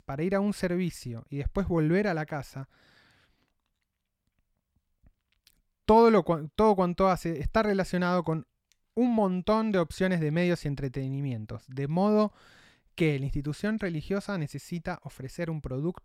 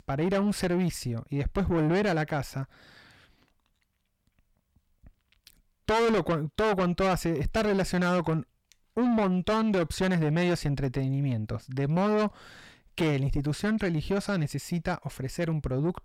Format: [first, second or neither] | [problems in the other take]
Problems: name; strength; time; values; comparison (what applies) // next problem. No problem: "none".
first | distortion; heavy; 6 dB below the speech